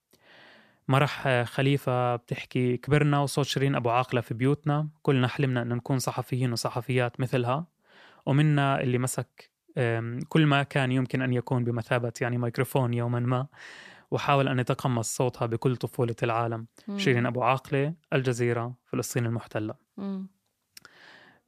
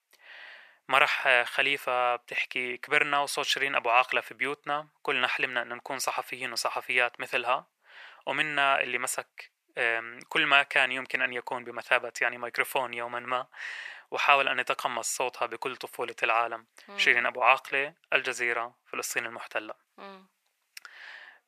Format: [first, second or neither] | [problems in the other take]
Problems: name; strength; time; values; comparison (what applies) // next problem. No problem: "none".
first | thin; very; fading below 750 Hz